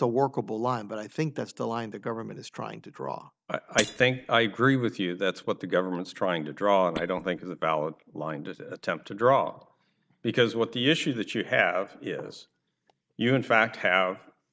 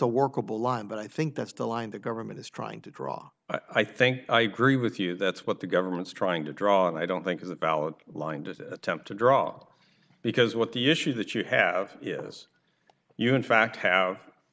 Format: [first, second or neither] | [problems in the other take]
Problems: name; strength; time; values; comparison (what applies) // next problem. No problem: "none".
second | noise reduction (neural mask model DeepFilterNet 3)